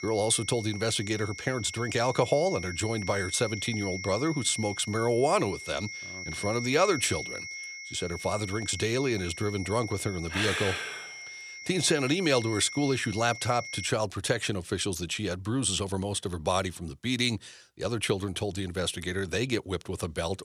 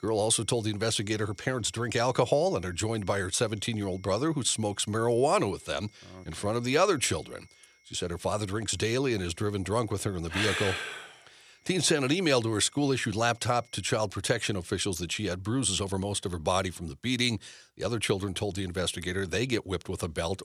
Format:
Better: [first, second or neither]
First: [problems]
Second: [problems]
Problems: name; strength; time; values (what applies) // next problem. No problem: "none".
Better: second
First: high-pitched whine; loud; until 14 s; 2 kHz, 9 dB below the speech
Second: high-pitched whine; faint; until 14 s; 2 kHz, 35 dB below the speech